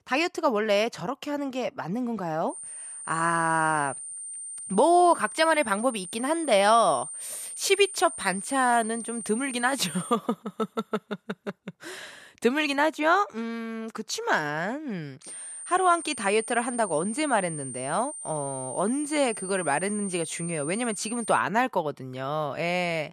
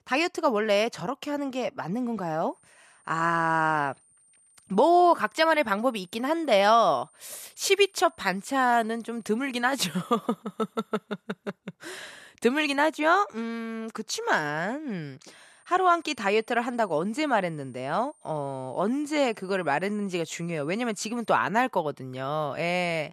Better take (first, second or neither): second